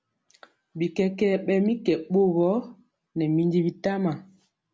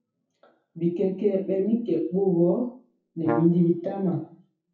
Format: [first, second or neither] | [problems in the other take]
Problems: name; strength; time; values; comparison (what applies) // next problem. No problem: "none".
first | noise reduction (classical method WPE with log-MMSE)